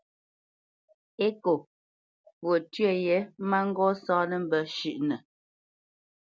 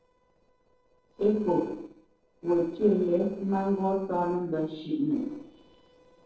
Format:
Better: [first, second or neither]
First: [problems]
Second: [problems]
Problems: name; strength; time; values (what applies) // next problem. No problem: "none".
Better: first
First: none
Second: noise reduction (neural separator model SepFormer DNS4)